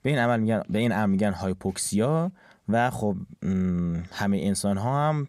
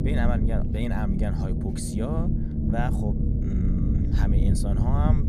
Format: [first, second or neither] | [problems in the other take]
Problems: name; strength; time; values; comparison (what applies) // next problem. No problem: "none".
first | low rumble; loud; throughout; 1 dB below the speech